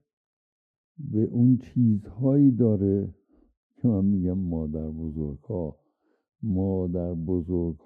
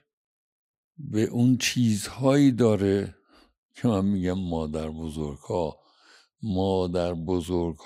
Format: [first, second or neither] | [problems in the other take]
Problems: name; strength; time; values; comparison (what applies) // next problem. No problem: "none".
second | muffled; very; fading above 1 kHz